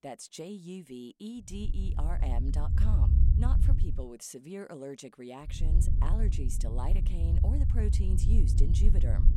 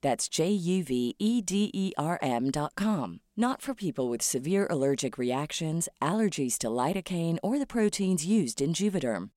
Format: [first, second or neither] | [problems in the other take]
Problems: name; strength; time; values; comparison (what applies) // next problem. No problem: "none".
second | low rumble; loud; from 1.5 to 4 s and from 5.5 s on; 2 dB below the speech